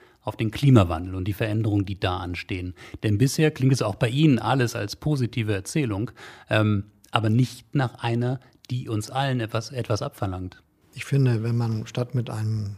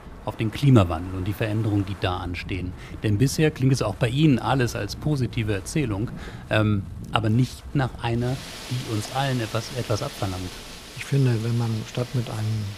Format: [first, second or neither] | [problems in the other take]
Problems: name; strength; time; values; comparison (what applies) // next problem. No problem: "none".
first | wind in the background; noticeable; throughout; 15 dB below the speech